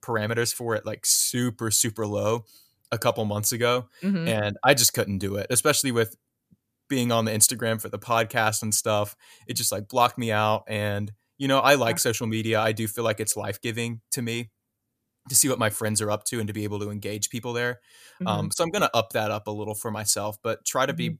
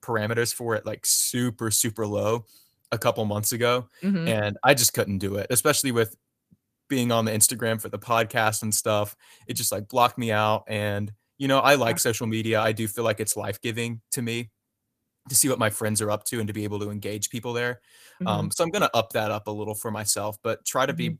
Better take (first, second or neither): first